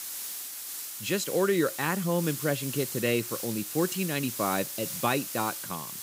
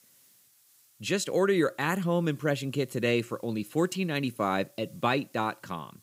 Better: second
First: hiss; loud; throughout; 5 dB below the speech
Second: hiss; faint; throughout; 30 dB below the speech

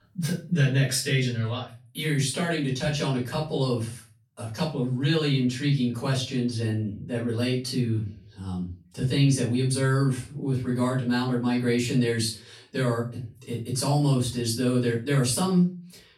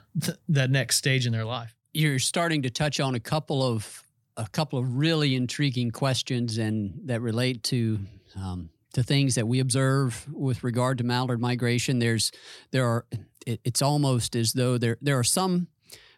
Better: second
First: room echo; slight; dies away in 0.3 s // off-mic speech; far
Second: none

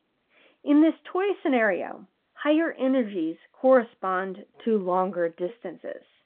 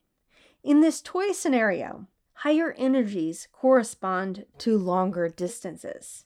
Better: second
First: phone-call audio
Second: none

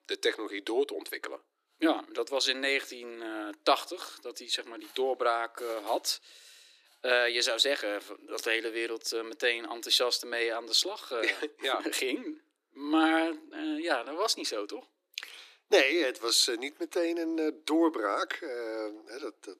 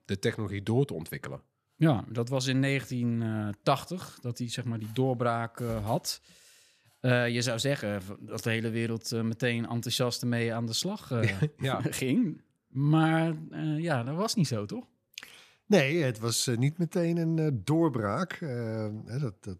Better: second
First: thin; very; fading below 300 Hz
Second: none

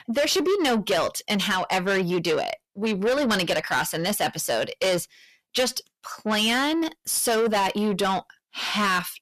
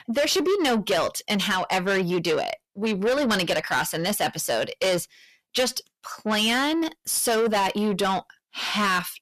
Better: neither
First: distortion; heavy; 7 dB below the speech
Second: distortion; heavy; 7 dB below the speech

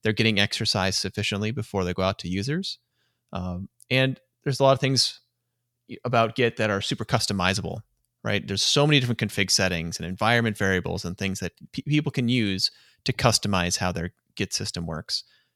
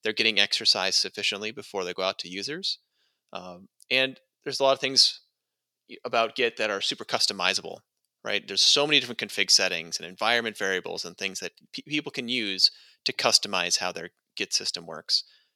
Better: first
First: none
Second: thin; somewhat; fading below 400 Hz

